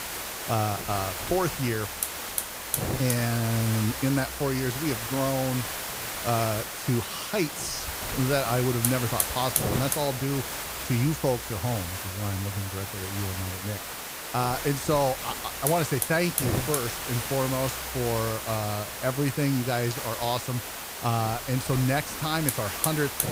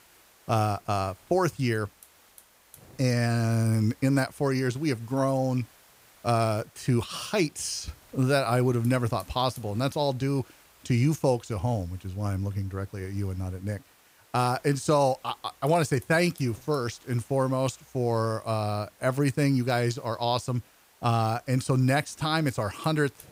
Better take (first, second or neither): second